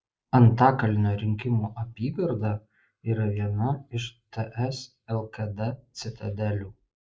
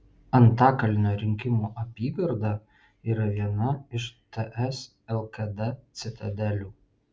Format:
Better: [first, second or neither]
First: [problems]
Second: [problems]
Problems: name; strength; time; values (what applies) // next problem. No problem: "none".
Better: second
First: noise reduction (neural mask model Resemble Enhance denoiser)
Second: none